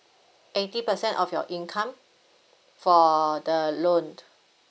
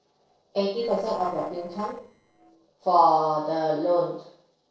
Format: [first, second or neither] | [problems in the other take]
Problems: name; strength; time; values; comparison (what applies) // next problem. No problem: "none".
first | noise reduction (neural separator model SepFormer DNS4)